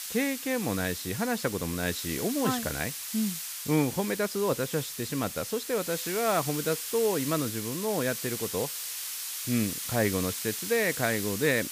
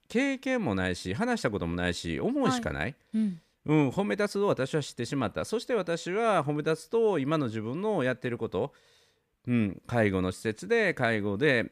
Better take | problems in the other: second | hiss; loud; throughout; 4 dB below the speech

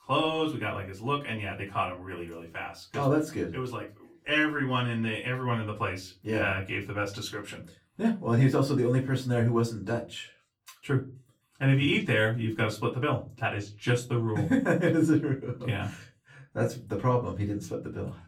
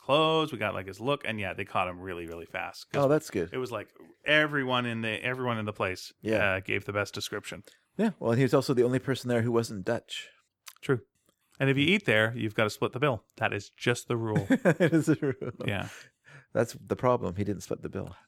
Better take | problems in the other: second | off-mic speech; far // room echo; very slight; dies away in 0.2 s

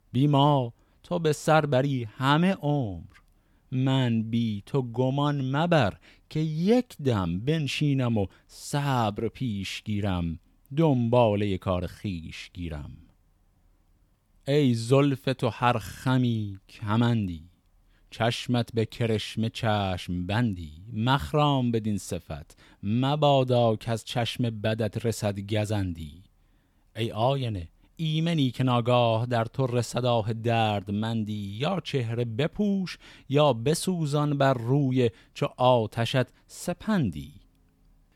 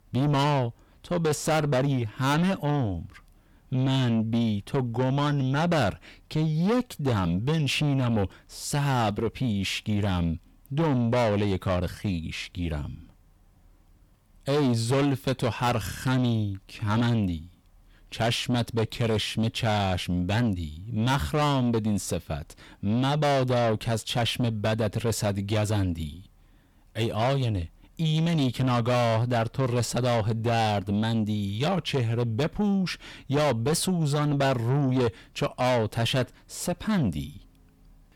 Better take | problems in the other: first | distortion; heavy; 7 dB below the speech

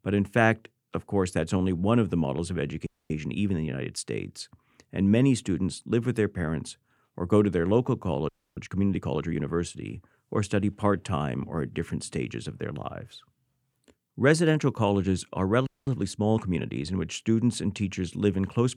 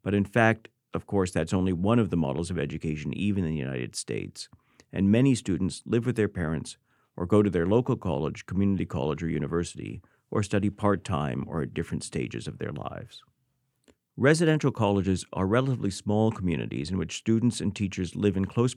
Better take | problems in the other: second | audio freezing; at 3 s, at 8.5 s and at 16 s

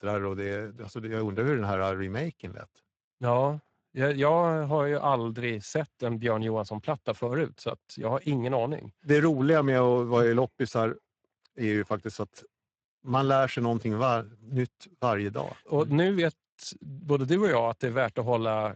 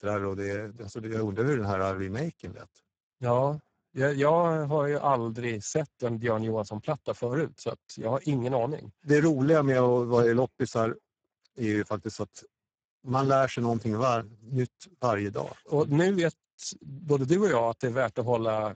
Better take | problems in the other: first | garbled, watery; badly; nothing above 7.5 kHz; slightly in the first

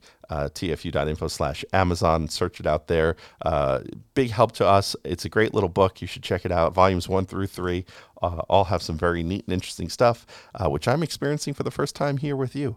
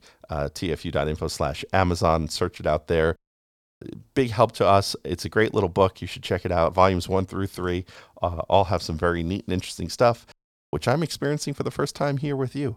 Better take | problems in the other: first | audio cutting out; at 3 s for 0.5 s and at 10 s

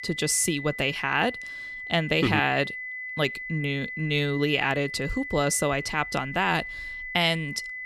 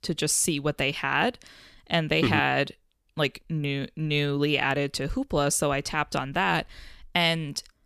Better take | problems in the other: second | high-pitched whine; loud; throughout; 2 kHz, 9 dB below the speech

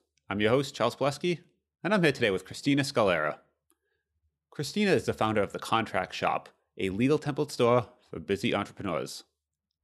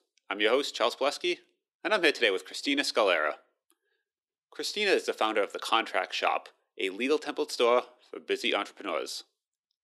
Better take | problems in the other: first | thin; somewhat; fading below 300 Hz

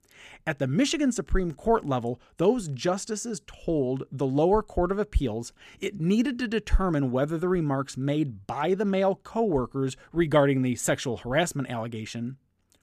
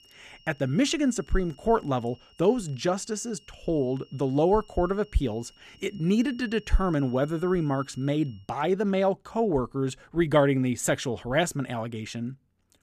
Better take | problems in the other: first | high-pitched whine; faint; until 8.5 s; 3 kHz, 30 dB below the speech

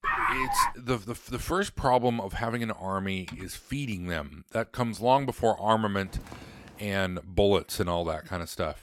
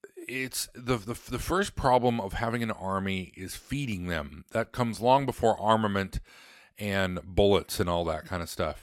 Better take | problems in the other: second | dog barking; loud; at the start; peak 2 dB above the speech // keyboard typing; faint; at 3.5 s; peak 15 dB below the speech // footsteps; faint; at 6 s; peak 15 dB below the speech

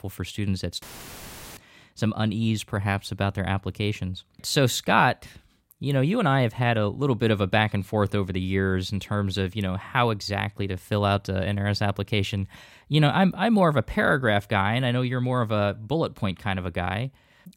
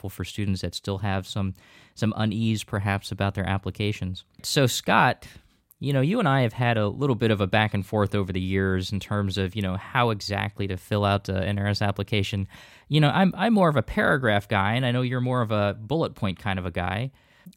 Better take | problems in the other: second | audio cutting out; filled with static; at 1 s for 1 s

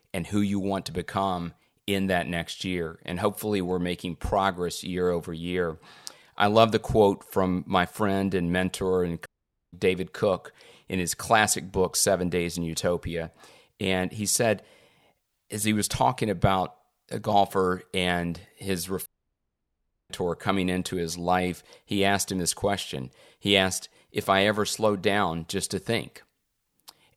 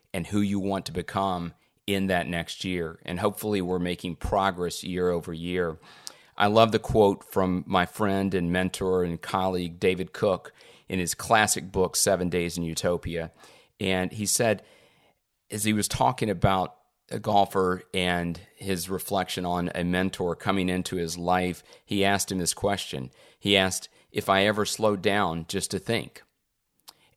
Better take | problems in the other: second | audio cutting out; at 9.5 s and at 19 s for 1 s

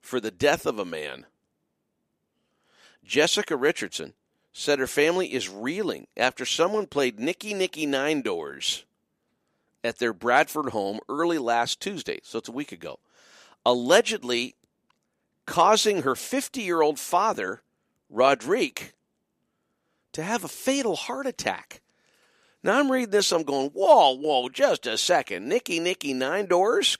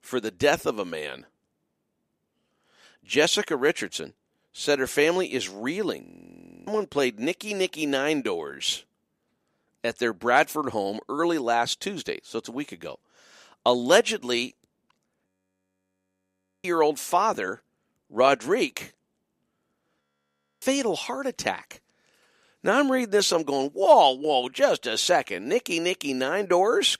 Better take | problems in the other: first | audio freezing; at 6 s for 0.5 s, at 15 s for 1.5 s and at 20 s for 0.5 s

